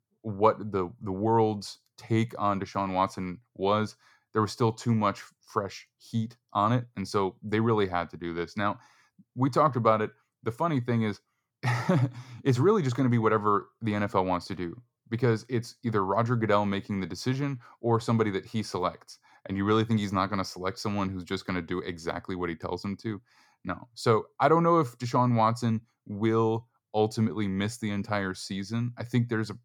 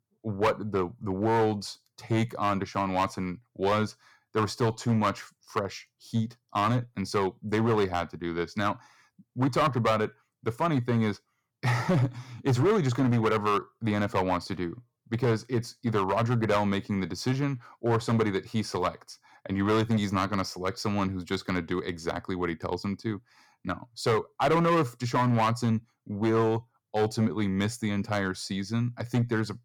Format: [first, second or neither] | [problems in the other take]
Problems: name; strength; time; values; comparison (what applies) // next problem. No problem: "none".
first | distortion; slight; 5% of the sound clipped